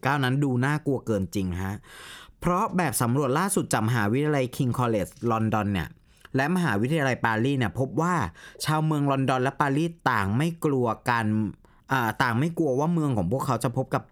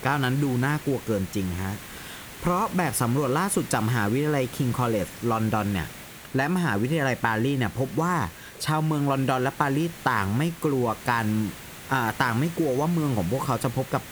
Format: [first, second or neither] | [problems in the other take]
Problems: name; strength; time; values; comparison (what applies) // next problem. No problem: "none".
first | hiss; noticeable; throughout; 15 dB below the speech